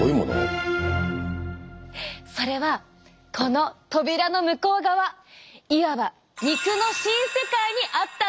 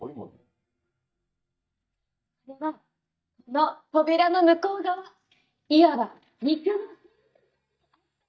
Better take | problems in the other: first | noise reduction (neural mask model DeepFilterNet 3)

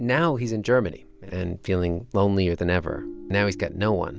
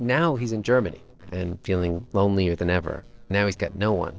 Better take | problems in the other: first | noise reduction (neural separator model SepFormer DNS4)

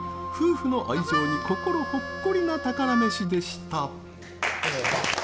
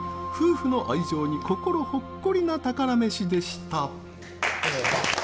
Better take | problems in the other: second | background sound (Harmonica); 6 dB below the speech

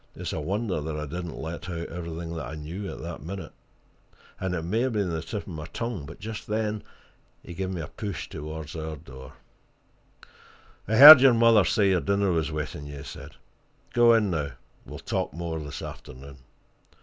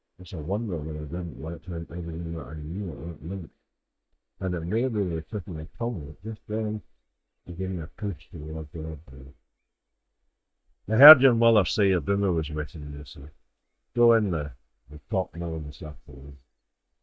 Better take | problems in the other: first | noise reduction (neural mask model DeepFilterNet 3)

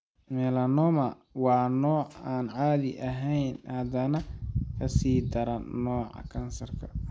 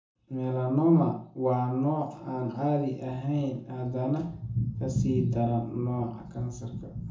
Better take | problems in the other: first | room echo; dies away in 0.6 s

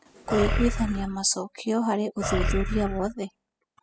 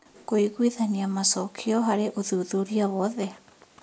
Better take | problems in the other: second | noise reduction (classical method spectral subtraction)

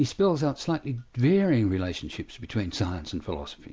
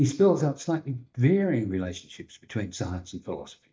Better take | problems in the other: first | noise reduction (neural mask model DeepFilterNet 3)

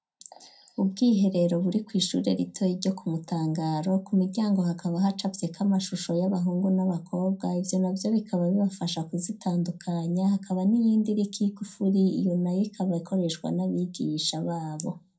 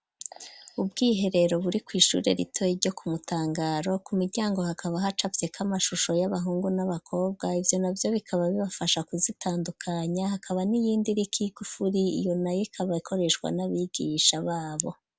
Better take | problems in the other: second | room echo; dies away in 0.2 s

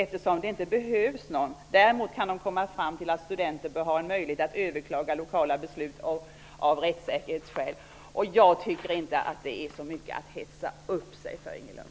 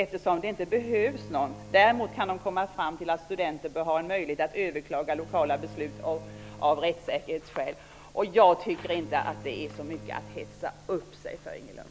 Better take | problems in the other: first | background sound (Bowed string instrument); 18 dB below the speech

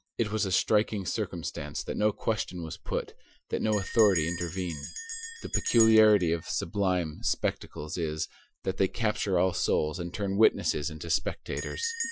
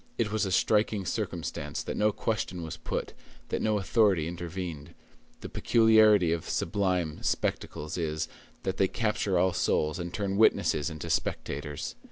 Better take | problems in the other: second | noise reduction (classical method Wiener filter)

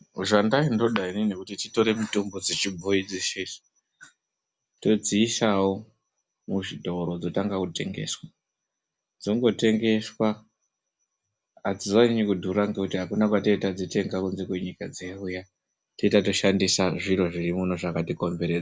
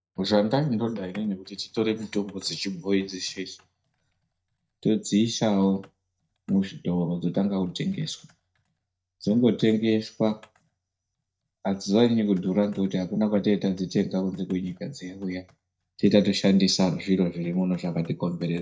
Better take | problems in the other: first | noise reduction (neural mask model DeepFilterNet 3)

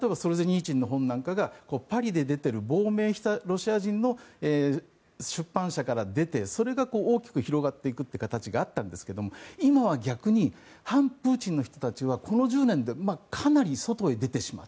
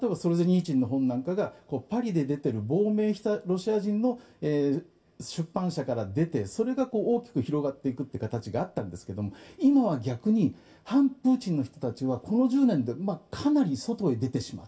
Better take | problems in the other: first | room echo; dies away in 0.2 s

